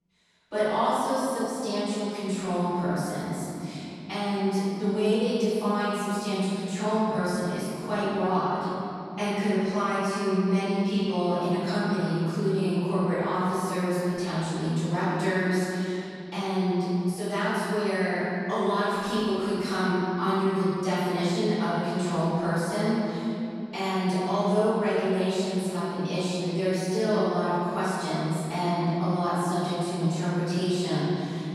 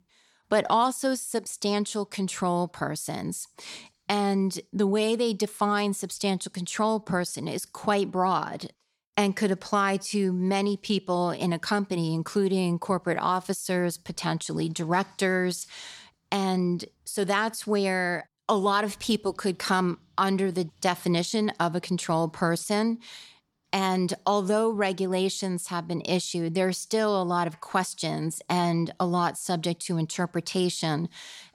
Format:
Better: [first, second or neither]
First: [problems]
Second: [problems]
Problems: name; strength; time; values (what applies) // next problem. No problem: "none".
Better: second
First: off-mic speech; far // room echo; strong; dies away in 3 s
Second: none